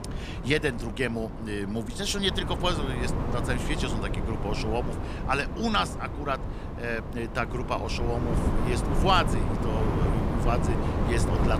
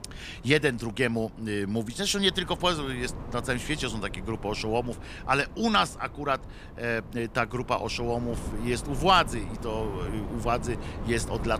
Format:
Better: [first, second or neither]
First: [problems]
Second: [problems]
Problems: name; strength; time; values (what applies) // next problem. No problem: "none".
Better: second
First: wind noise on the microphone; heavy; 6 dB below the speech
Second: wind noise on the microphone; occasional gusts; 15 dB below the speech